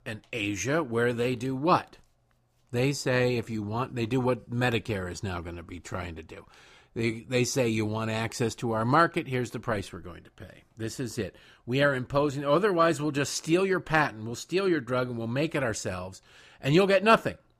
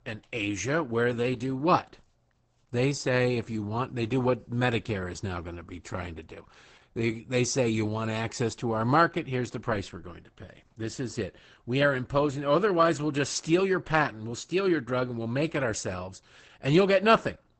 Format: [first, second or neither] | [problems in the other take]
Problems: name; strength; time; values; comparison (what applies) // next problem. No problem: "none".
first | garbled, watery; badly; nothing above 8 kHz